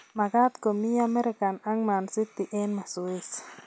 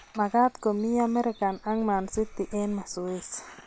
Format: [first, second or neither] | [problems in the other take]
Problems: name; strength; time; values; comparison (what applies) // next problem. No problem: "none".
first | background sound (Dog); 19 dB below the speech